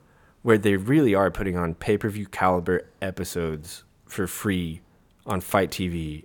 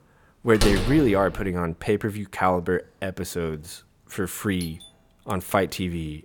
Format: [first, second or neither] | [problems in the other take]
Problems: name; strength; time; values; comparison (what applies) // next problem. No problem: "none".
first | door banging; loud; at 0.5 s; peak level with the speech // doorbell; faint; at 4.5 s; peak 15 dB below the speech